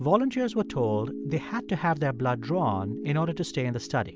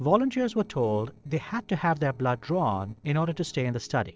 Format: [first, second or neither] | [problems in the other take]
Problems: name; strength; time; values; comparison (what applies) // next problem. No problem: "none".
first | noise reduction (neural separator model SepFormer DNS4)